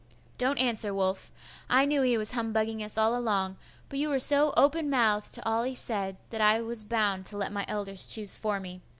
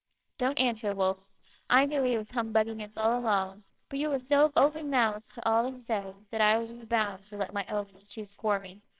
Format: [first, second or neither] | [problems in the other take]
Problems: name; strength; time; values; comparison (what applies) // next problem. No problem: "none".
first | noise reduction (neural separator model SepFormer WHAMR!)